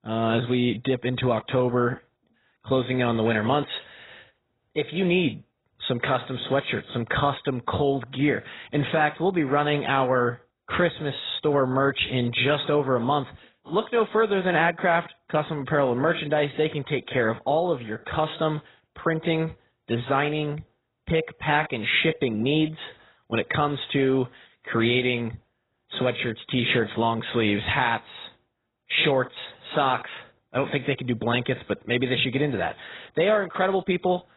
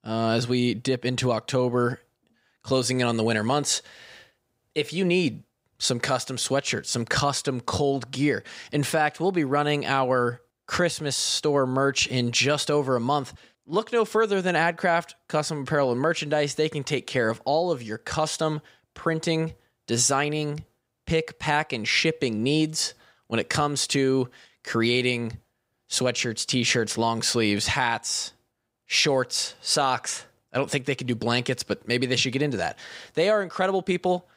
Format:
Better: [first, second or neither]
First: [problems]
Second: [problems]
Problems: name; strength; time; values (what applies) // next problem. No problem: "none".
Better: second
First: garbled, watery; badly; nothing above 4 kHz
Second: none